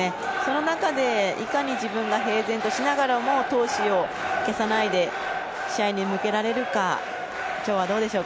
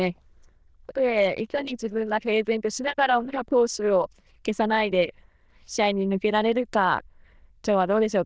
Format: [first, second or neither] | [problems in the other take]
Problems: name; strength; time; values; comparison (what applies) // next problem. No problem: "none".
first | noise reduction (neural diffusion model UNIVERSE++)